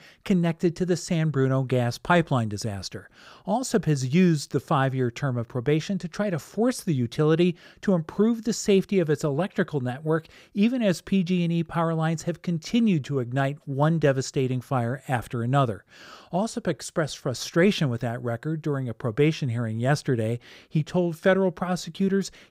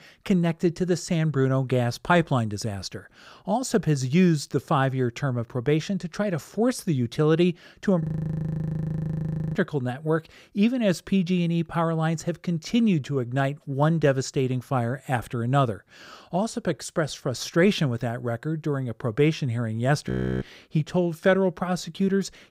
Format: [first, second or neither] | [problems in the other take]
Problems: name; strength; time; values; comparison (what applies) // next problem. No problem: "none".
first | audio freezing; at 8 s for 1.5 s and at 20 s